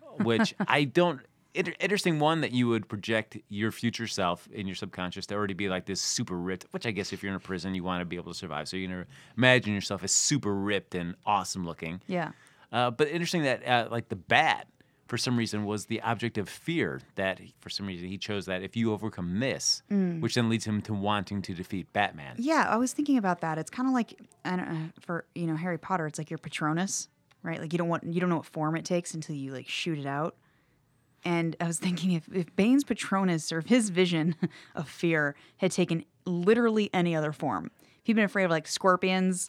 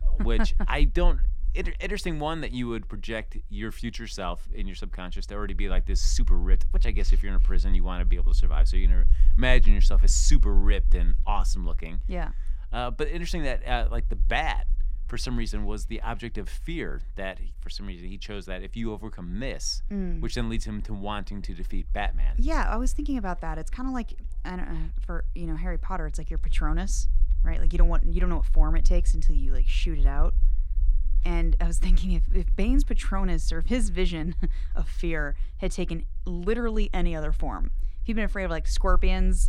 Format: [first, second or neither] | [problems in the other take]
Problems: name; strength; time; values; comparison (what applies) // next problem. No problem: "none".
first | low rumble; faint; throughout; 20 dB below the speech